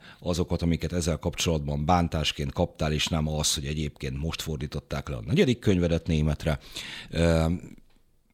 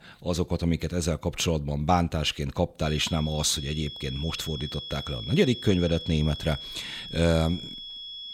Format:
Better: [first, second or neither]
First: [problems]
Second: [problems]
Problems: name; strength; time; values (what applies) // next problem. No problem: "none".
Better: first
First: none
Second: high-pitched whine; loud; from 3 s on; 3.5 kHz, 9 dB below the speech